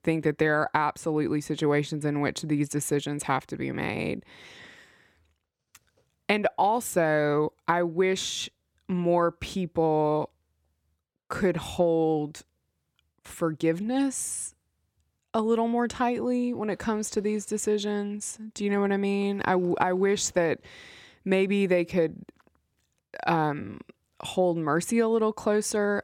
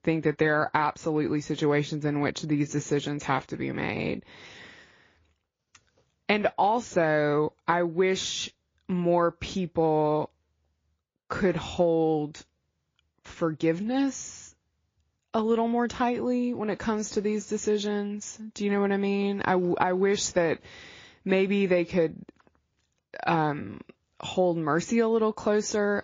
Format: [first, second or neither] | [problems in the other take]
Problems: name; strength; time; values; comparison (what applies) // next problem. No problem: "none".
first | garbled, watery; slightly